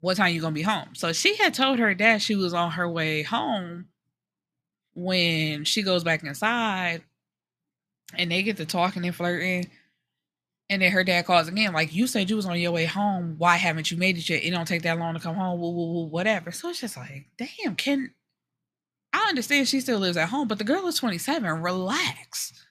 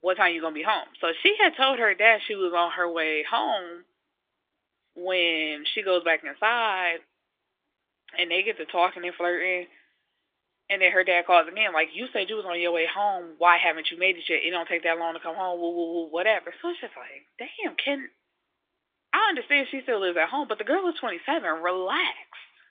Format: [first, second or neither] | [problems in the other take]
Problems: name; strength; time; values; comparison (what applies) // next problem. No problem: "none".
first | phone-call audio